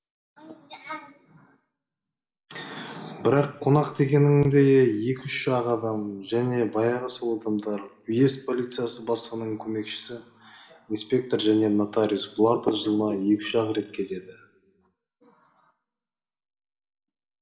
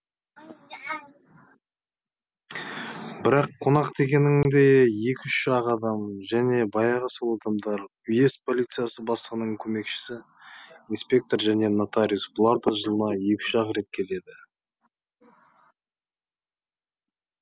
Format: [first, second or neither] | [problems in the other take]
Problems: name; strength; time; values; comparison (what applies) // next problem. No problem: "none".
second | room echo; dies away in 2 s